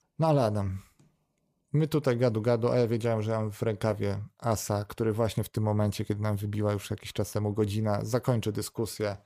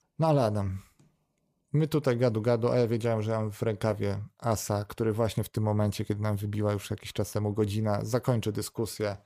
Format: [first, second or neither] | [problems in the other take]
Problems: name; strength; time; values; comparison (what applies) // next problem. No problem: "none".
neither | none